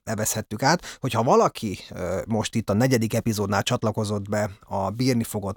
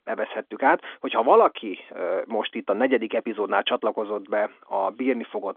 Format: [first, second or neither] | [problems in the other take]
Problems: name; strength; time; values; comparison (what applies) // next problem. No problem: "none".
first | phone-call audio; nothing above 3.5 kHz